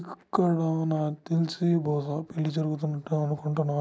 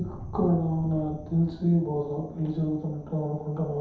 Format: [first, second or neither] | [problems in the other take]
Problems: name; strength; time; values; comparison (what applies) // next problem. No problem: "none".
first | background sound (Thunder); 15 dB below the speech // room echo; dies away in 0.8 s